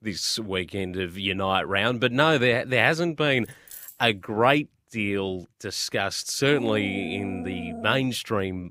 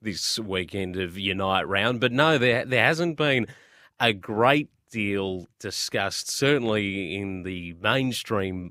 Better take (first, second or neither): second